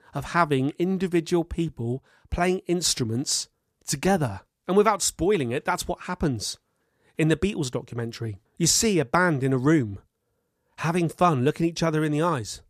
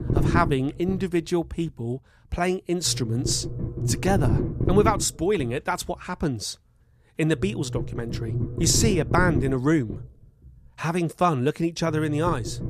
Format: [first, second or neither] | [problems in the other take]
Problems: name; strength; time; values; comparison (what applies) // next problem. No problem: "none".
first | low rumble; loud; throughout; 10 dB below the speech